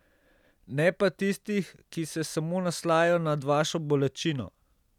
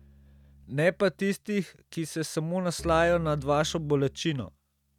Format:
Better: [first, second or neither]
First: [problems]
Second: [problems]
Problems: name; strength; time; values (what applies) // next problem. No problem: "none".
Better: first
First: none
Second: noise reduction (neural mask model RNNoise)